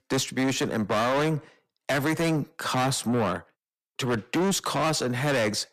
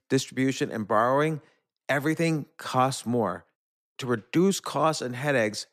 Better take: second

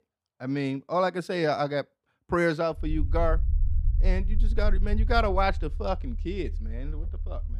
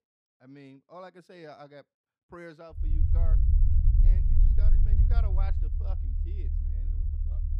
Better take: first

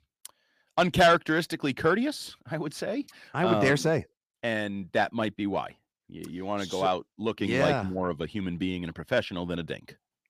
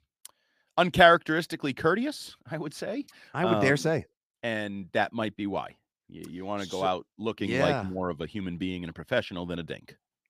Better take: second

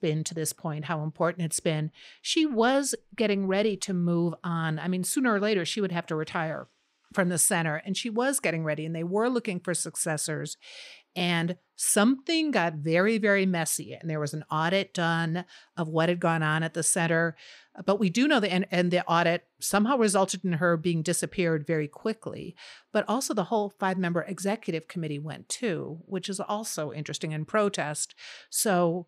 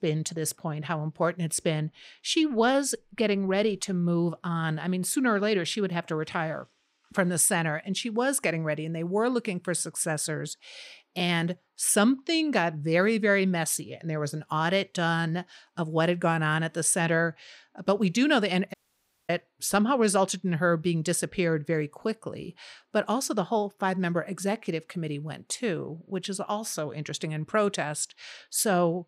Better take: first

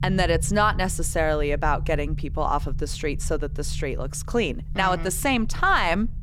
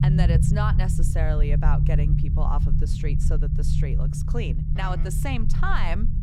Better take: first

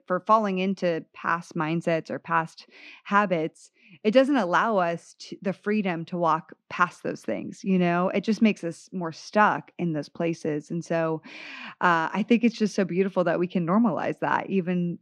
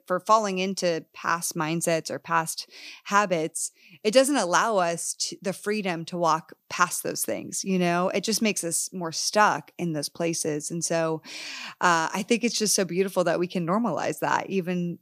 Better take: second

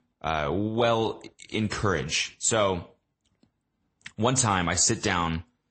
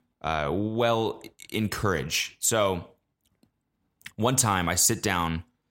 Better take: second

